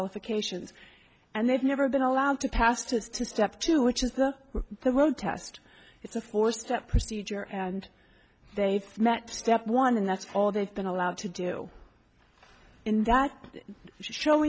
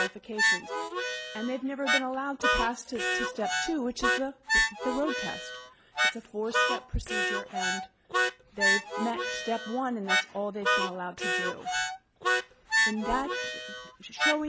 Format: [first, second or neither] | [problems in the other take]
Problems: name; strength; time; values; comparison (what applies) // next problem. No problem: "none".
first | background sound (Harmonica); 5 dB above the speech